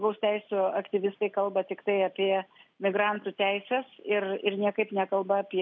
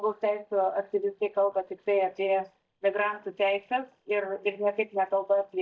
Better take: first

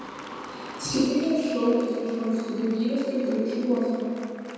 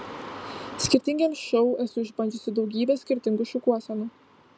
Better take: second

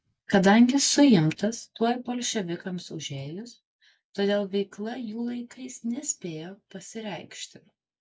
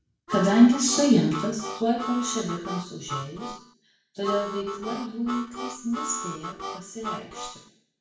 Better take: first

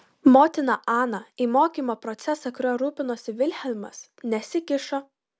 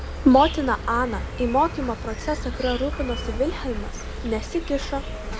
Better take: first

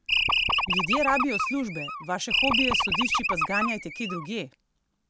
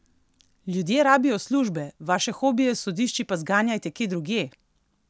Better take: second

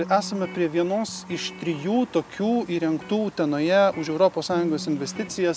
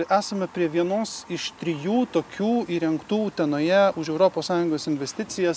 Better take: second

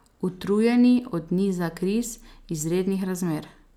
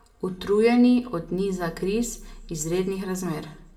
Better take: first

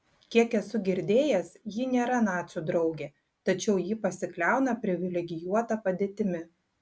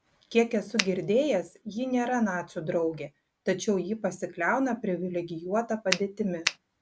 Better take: first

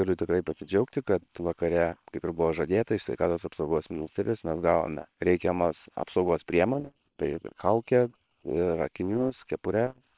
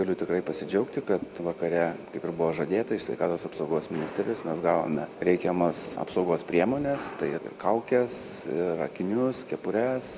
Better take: second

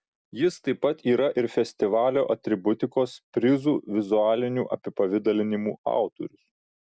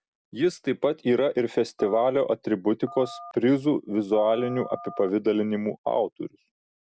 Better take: first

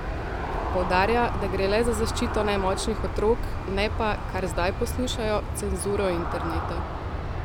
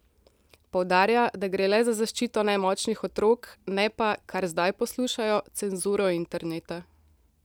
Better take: second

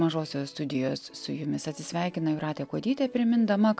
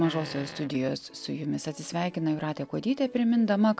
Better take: first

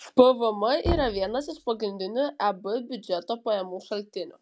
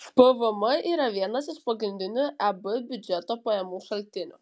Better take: second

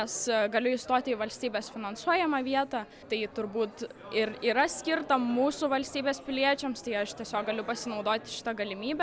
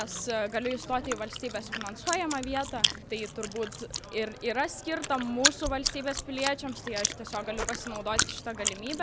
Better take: first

